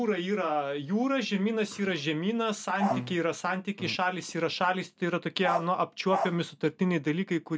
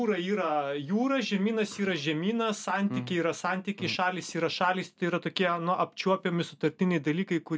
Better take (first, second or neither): second